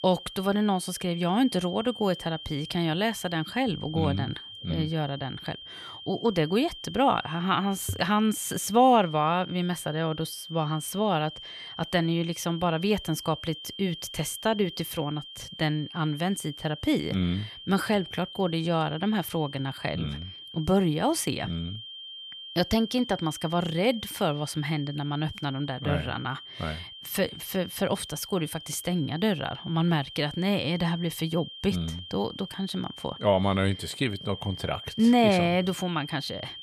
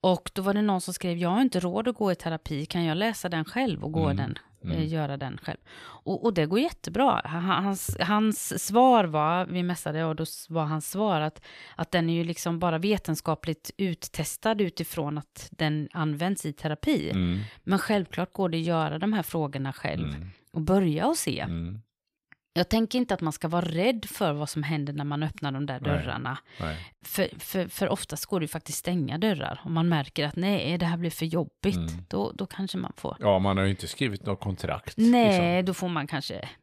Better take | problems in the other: second | high-pitched whine; noticeable; throughout; 3 kHz, 10 dB below the speech

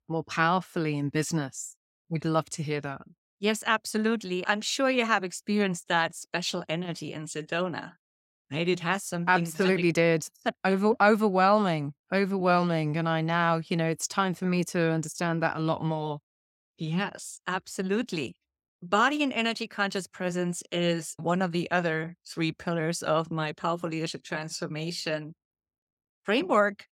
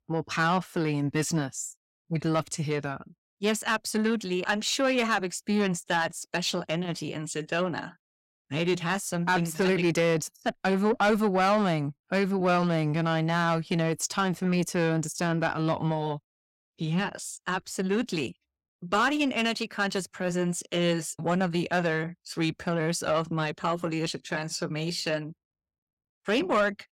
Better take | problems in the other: first | distortion; slight; 10 dB below the speech

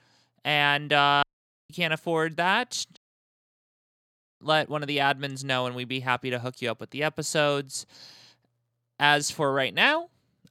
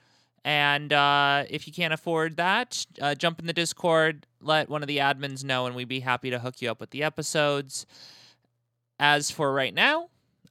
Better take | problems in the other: second | audio cutting out; at 1 s and at 3 s for 1.5 s

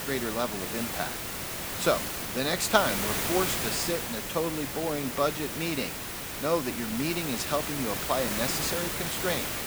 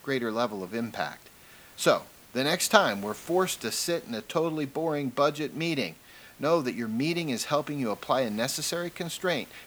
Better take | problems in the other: second | hiss; loud; throughout; 1 dB below the speech; faint in the second

